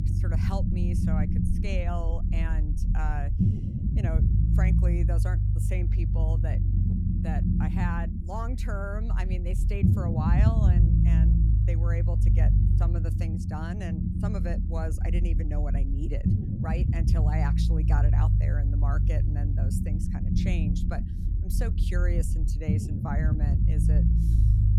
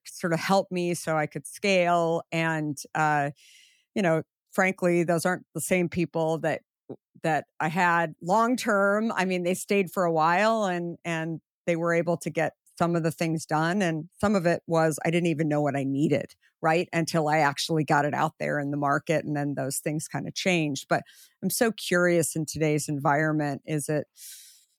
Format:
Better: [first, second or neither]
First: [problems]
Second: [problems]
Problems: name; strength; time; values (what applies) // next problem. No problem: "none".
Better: second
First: low rumble; loud; throughout; as loud as the speech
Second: none